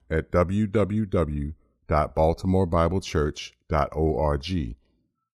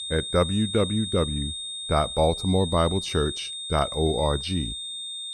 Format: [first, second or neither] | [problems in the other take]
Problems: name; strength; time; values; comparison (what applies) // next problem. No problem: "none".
first | high-pitched whine; loud; throughout; 3.5 kHz, 6 dB below the speech